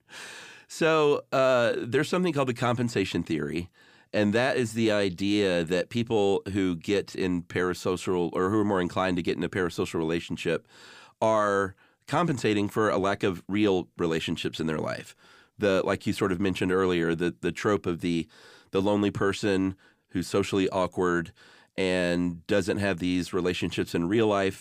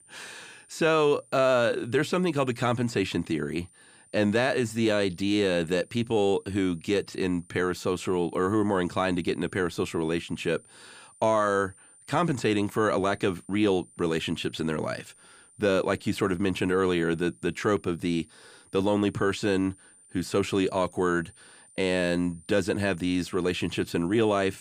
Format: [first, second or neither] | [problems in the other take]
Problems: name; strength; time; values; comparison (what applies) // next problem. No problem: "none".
first | high-pitched whine; faint; throughout; 9 kHz, 25 dB below the speech